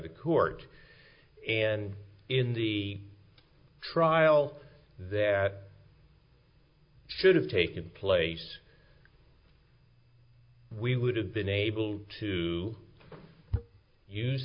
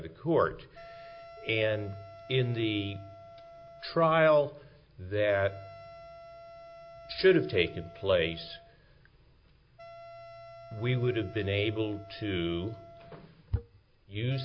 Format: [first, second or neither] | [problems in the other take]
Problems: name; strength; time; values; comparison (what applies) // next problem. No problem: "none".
first | background sound (Wind instrument, woodwind instrument); 19 dB below the speech